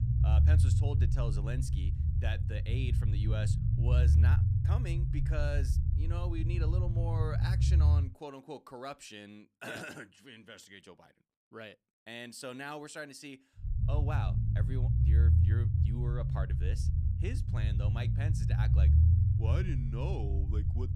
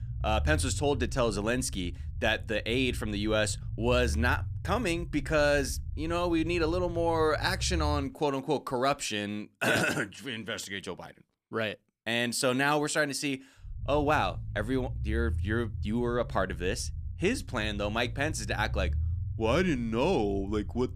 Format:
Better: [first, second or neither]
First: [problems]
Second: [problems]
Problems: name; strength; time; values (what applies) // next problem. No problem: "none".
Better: second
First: low rumble; loud; until 8 s and from 14 s on; as loud as the speech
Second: low rumble; faint; until 8 s and from 14 s on; 25 dB below the speech